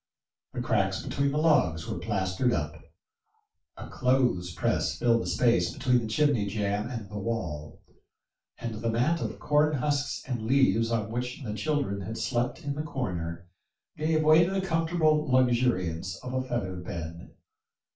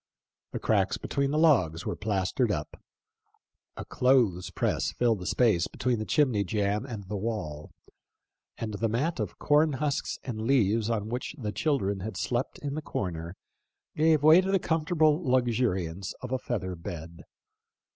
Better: second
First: room echo; dies away in 0.2 s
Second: none

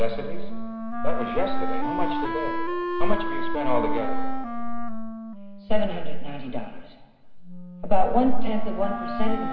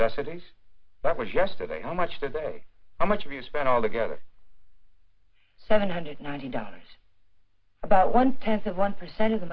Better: second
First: background sound (Wind instrument, woodwind instrument); 11 dB below the speech // room echo; dies away in 2.1 s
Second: none

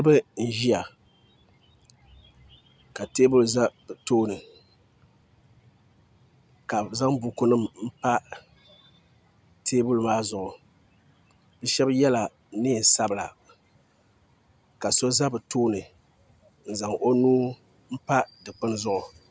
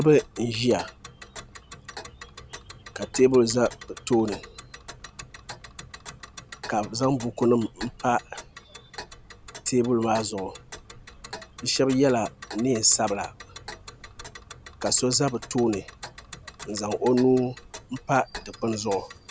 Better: first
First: none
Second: background sound (Tick); 17 dB below the speech

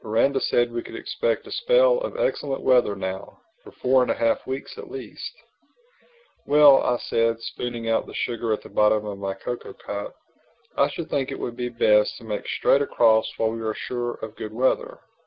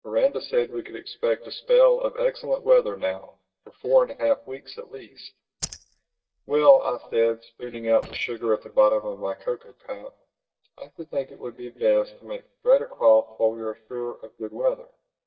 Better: first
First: none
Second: noise reduction (neural mask model DeepFilterNet 3)

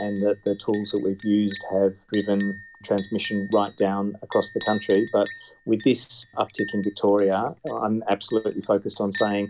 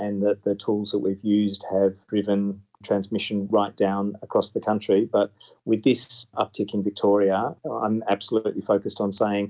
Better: second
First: background sound (Chink, clink); 17 dB below the speech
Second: none

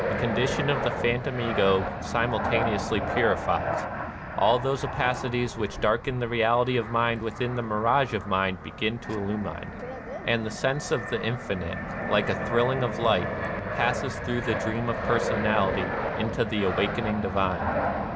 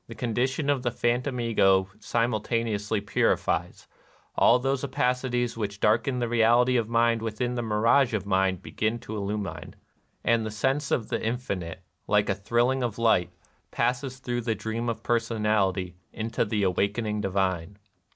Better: second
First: background sound (Fixed-wing aircraft, airplane); 4 dB below the speech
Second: none

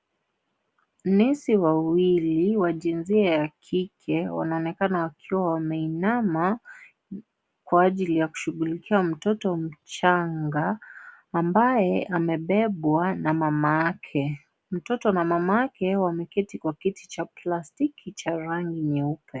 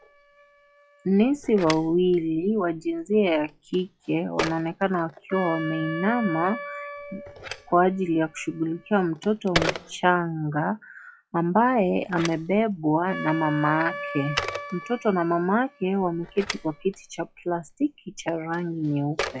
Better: first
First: none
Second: noise reduction (classical method log-MMSE)

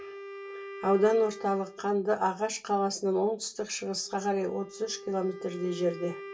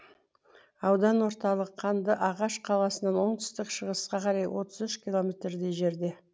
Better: second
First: background sound (Wind instrument, woodwind instrument); 15 dB below the speech // room echo; dies away in 0.2 s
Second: none

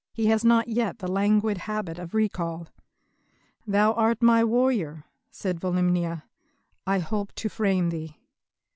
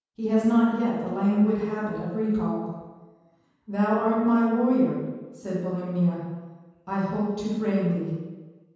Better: first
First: none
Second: room echo; dies away in 1.2 s

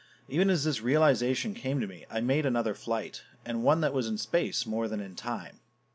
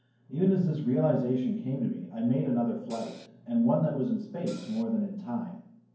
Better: first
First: none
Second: background sound (Cymbal); 19 dB below the speech // room echo; dies away in 0.9 s

